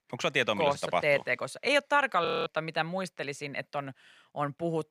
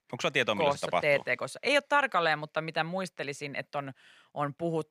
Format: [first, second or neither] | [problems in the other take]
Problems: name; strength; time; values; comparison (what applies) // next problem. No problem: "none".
second | audio freezing; at 2.5 s